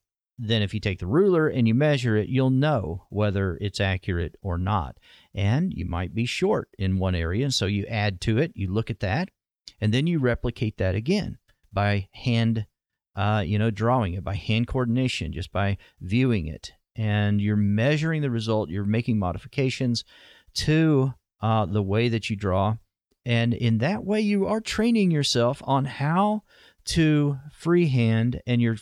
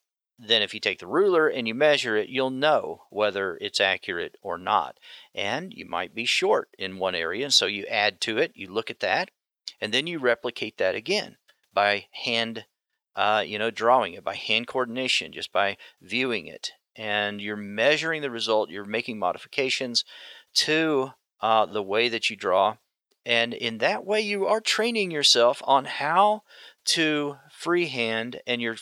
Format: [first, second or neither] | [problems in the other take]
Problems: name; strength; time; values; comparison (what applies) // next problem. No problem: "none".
first | thin; very; fading below 550 Hz